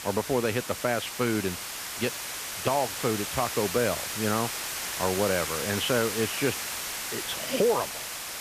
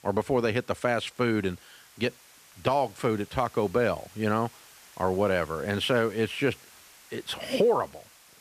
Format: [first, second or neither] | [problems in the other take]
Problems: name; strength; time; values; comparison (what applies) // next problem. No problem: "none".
second | hiss; loud; throughout; 3 dB below the speech; faint in the second